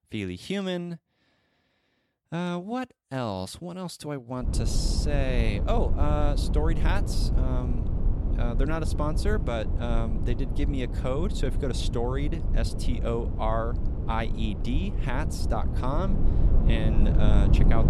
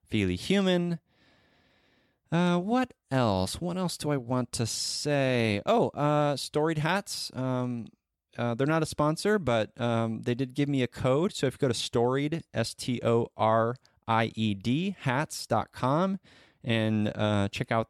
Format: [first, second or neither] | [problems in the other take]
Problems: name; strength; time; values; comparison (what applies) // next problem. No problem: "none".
second | low rumble; loud; from 4.5 s on; 7 dB below the speech